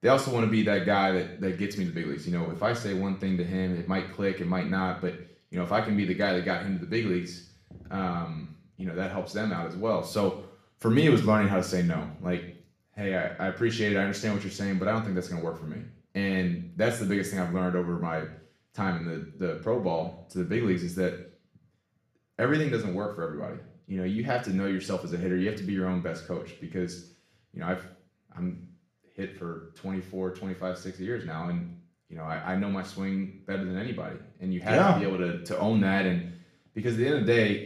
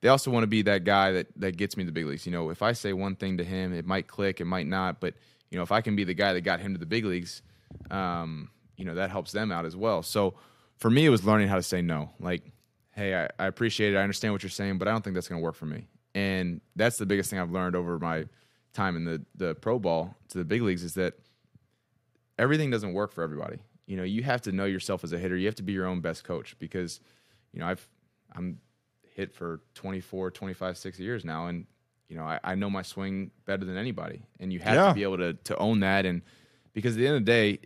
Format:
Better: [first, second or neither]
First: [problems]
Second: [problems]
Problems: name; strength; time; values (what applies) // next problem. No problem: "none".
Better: second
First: room echo; slight; dies away in 0.5 s // off-mic speech; far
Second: none